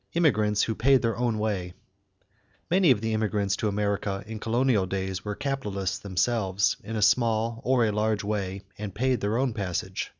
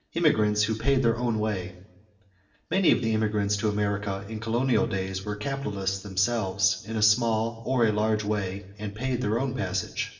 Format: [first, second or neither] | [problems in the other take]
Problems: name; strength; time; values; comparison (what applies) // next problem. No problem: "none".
first | room echo; dies away in 0.6 s